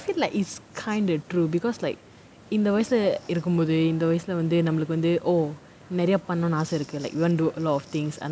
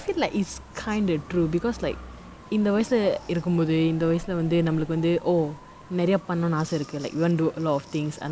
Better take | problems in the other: first | background sound (Motorcycle / Dog); 20 dB below the speech

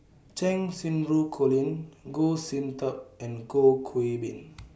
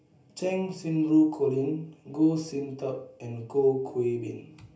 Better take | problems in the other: first | room echo; dies away in 0.3 s

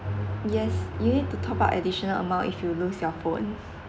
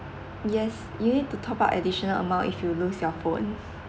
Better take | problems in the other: second | background sound (Bowed string instrument); 2 dB below the speech

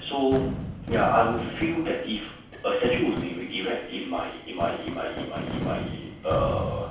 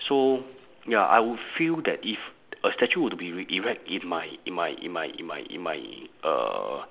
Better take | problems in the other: second | background sound (Fireworks); 7 dB below the speech // room echo; dies away in 0.7 s

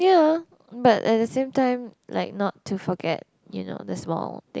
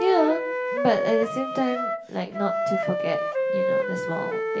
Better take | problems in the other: first | background sound (Wind instrument, woodwind instrument); as loud as the speech // room echo; dies away in 0.8 s

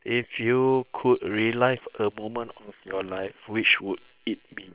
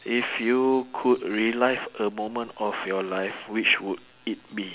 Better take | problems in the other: second | noise reduction (neural separator model SepFormer WHAM!)

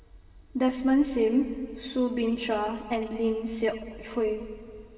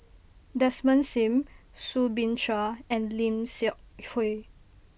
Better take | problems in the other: second | room echo; dies away in 2.6 s

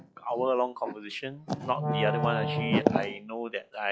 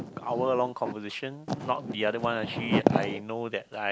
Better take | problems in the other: second | noise reduction (classical method log-MMSE)

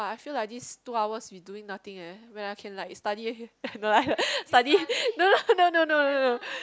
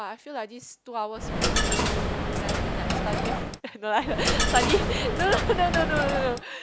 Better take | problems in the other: first | background sound (Coin (dropping)); 3 dB above the speech

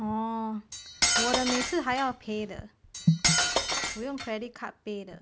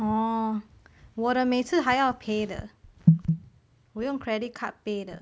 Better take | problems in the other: second | background sound (Cutlery, silverware); 2 dB above the speech

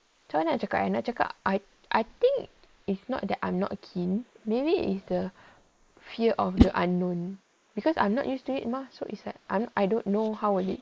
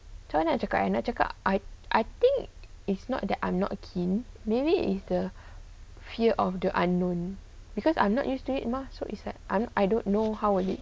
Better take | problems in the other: second | noise reduction (neural mask model Resemble Enhance denoiser)

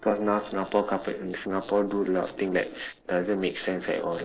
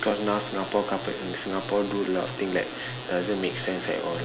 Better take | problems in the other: second | noise reduction (neural separator model SepFormer DNS4)

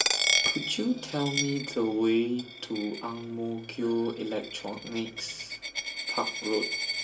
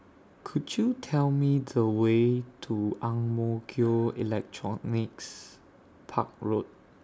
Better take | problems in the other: second | background sound (Coin (dropping)); 2 dB below the speech // room echo; dies away in 0.2 s

